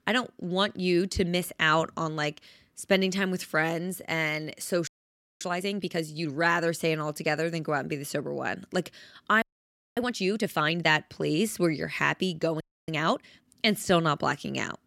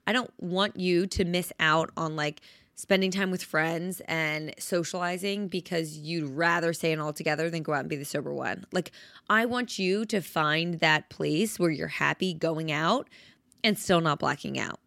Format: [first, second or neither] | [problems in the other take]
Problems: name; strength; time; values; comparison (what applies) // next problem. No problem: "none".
second | audio freezing; at 5 s for 0.5 s, at 9.5 s for 0.5 s and at 13 s